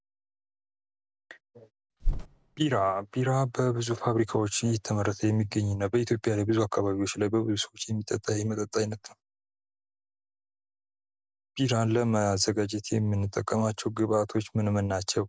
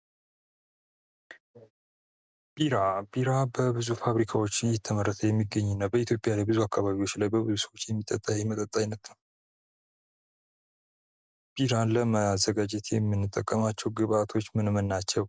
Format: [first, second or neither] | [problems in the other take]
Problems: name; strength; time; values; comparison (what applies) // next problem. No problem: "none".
second | background sound (Bird); 6 dB below the speech